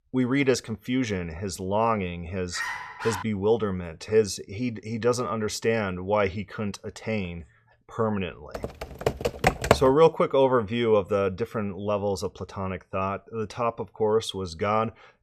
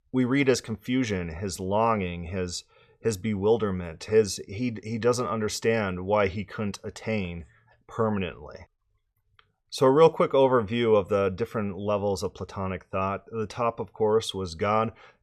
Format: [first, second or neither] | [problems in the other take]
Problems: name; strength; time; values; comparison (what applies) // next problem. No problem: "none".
second | dog barking; noticeable; at 2.5 s; peak 5 dB below the speech // keyboard typing; loud; from 8.5 to 10 s; peak 4 dB above the speech